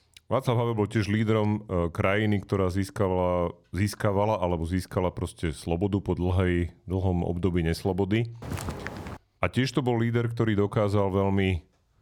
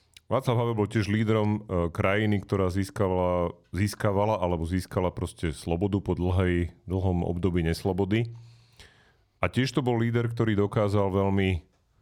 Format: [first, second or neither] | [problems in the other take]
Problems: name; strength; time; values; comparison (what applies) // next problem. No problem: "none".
second | footsteps; noticeable; at 8.5 s; peak 7 dB below the speech